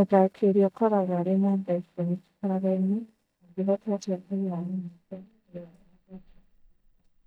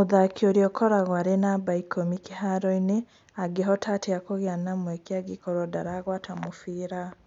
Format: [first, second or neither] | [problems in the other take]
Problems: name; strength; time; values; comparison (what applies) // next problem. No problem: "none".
second | noise reduction (neural mask model DeepFilterNet 3)